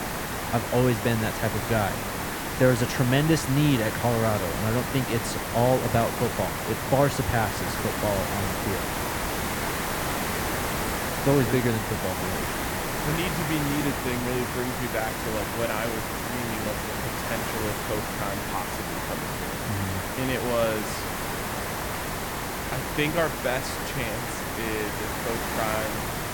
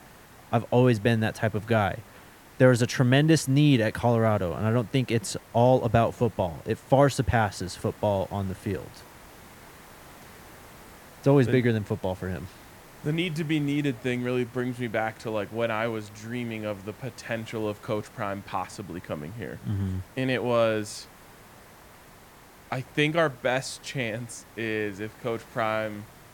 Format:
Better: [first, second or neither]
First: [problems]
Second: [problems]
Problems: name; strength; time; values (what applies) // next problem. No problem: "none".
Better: second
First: hiss; loud; throughout; 1 dB below the speech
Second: hiss; faint; throughout; 25 dB below the speech